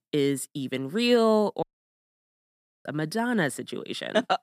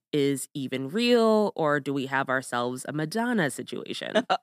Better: second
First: audio cutting out; at 1.5 s for 1 s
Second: none

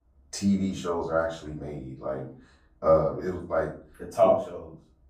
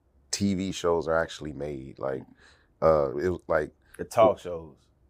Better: second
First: off-mic speech; far // room echo; slight; dies away in 0.3 s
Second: none

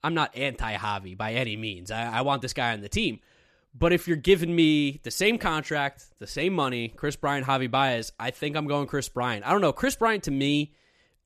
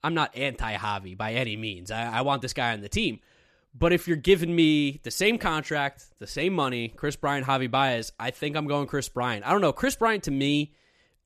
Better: neither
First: none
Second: none

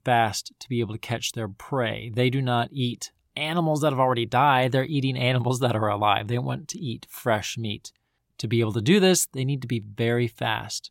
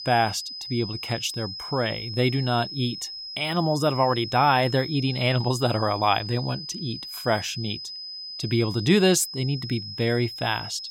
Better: first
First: none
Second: high-pitched whine; loud; throughout; 5 kHz, 9 dB below the speech

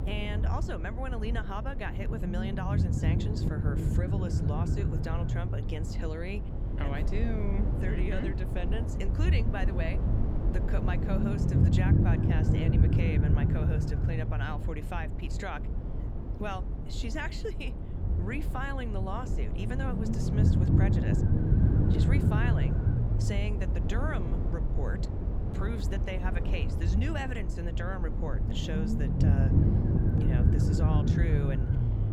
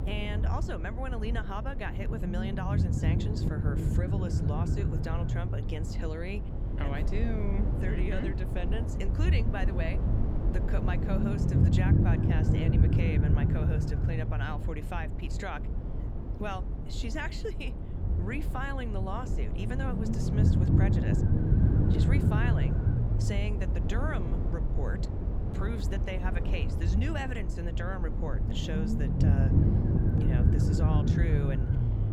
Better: neither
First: low rumble; loud; throughout; 1 dB below the speech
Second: low rumble; loud; throughout; 1 dB below the speech

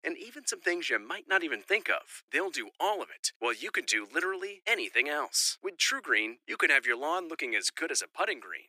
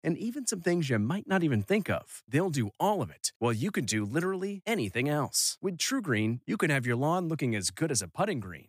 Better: second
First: thin; very; fading below 350 Hz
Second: none

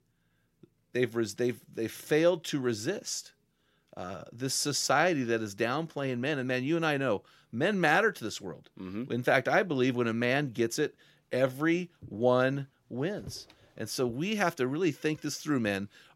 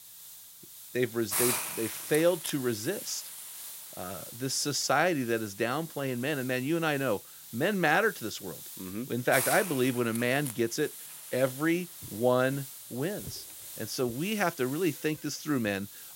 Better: first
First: none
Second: hiss; loud; throughout; 8 dB below the speech

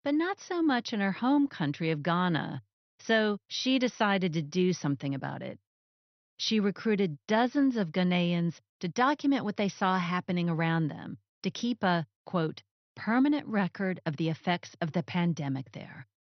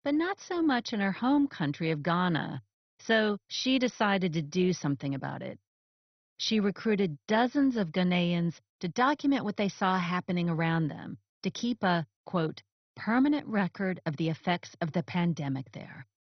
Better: first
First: garbled, watery; slightly; nothing above 6 kHz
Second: garbled, watery; badly; nothing above 6 kHz

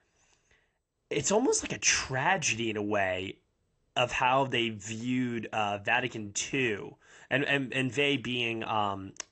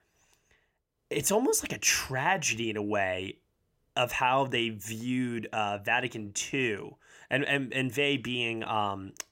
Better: second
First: garbled, watery; slightly; nothing above 7.5 kHz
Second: none

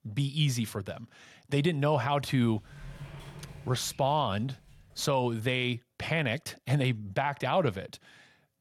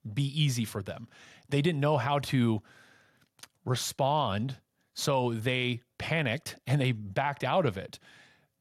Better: second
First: door banging; faint; from 2.5 to 5 s; peak 15 dB below the speech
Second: none

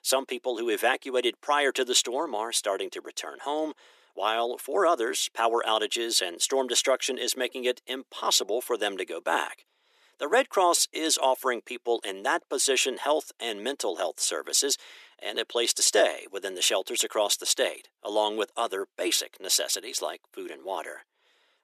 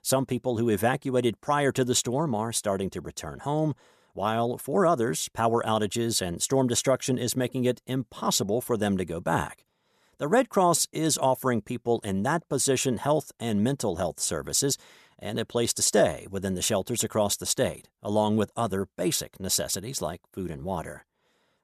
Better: second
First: thin; very; fading below 300 Hz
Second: none

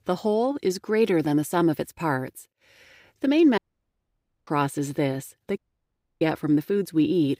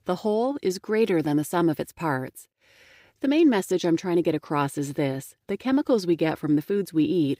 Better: second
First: audio cutting out; at 3.5 s for 1 s and at 5.5 s for 0.5 s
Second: none

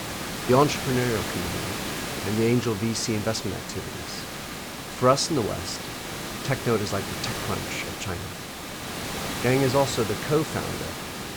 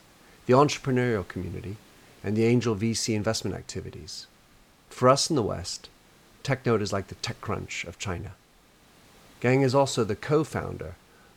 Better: second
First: hiss; loud; throughout; 6 dB below the speech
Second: hiss; faint; throughout; 30 dB below the speech

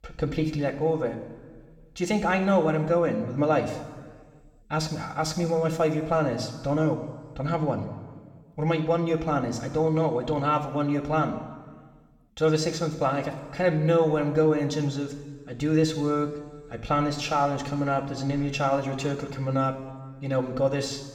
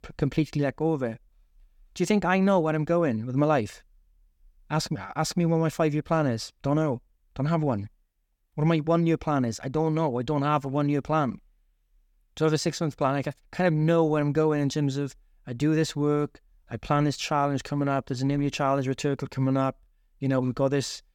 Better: second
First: room echo; slight; dies away in 1.4 s // off-mic speech; somewhat distant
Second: none

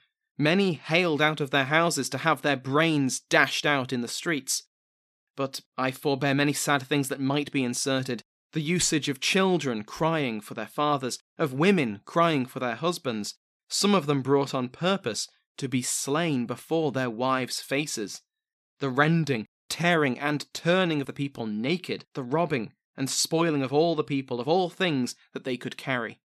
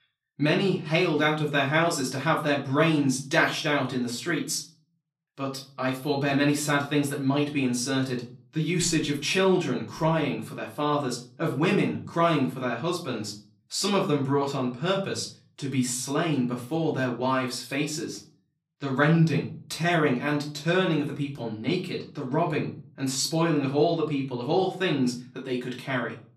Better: first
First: none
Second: off-mic speech; far // room echo; slight; dies away in 0.4 s

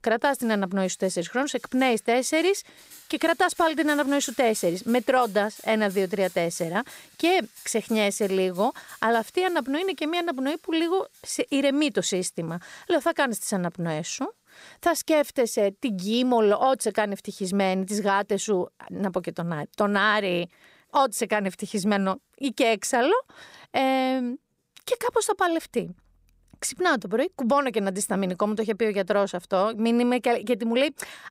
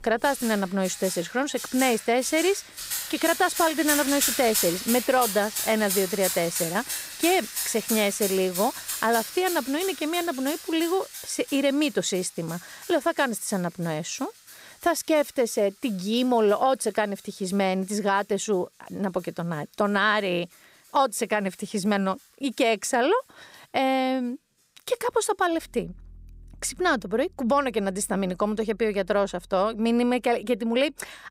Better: first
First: background music; faint; throughout; 20 dB below the speech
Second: background music; loud; throughout; 5 dB below the speech

